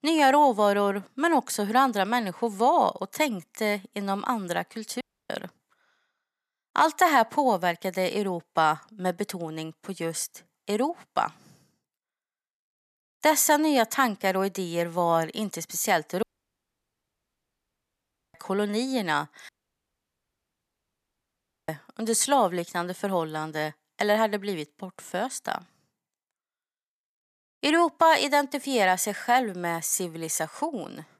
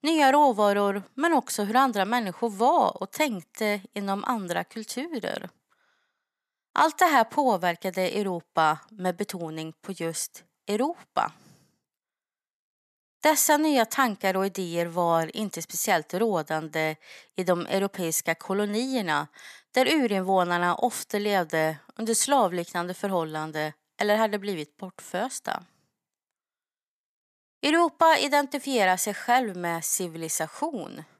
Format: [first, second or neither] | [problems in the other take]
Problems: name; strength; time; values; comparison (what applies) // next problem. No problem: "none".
second | audio cutting out; at 5 s, at 16 s for 2 s and at 19 s for 2 s